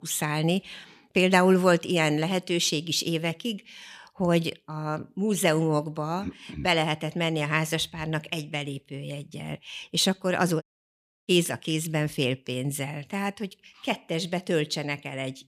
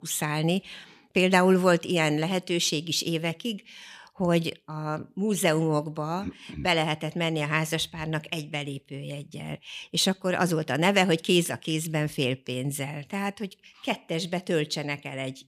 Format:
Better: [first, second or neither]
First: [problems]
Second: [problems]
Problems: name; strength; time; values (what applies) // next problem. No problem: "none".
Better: second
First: audio cutting out; at 11 s for 0.5 s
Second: none